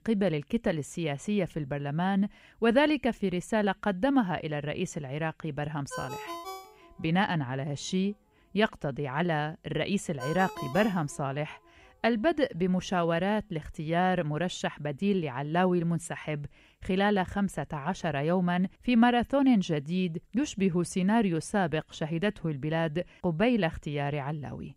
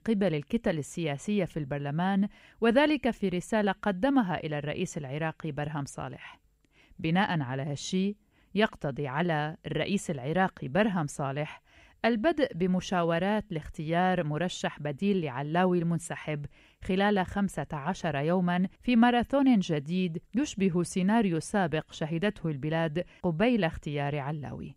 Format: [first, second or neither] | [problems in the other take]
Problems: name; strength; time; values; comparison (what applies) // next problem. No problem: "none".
second | phone ringing; noticeable; from 6 to 11 s; peak 9 dB below the speech